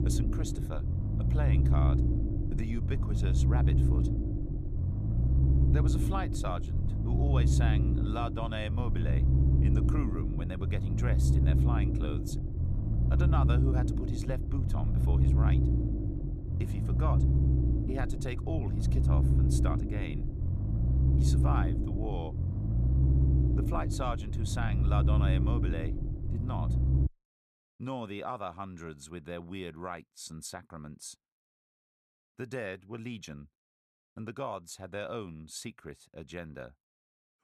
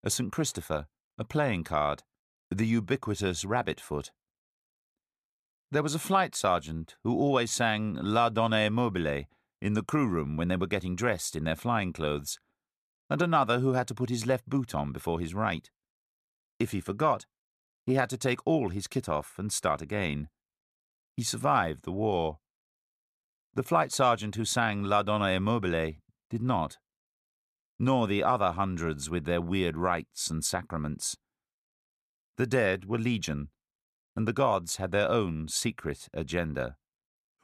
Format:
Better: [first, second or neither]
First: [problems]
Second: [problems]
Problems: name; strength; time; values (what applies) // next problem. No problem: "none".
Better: second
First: low rumble; loud; until 27 s; 1 dB below the speech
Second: none